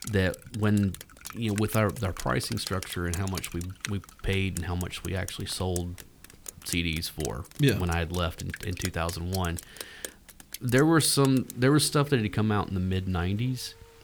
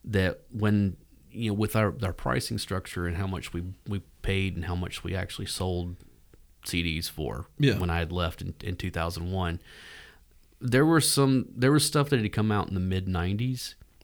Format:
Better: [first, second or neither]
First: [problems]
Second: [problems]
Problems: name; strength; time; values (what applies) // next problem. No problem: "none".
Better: second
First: rain or running water; noticeable; throughout; 15 dB below the speech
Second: none